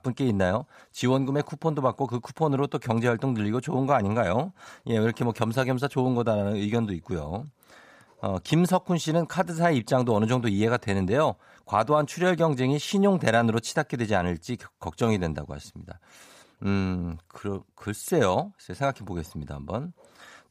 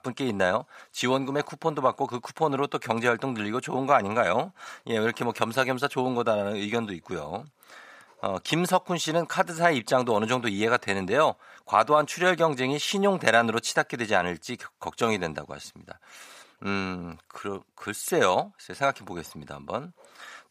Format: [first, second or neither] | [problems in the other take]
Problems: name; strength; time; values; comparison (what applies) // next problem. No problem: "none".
first | thin; very slightly; fading below 500 Hz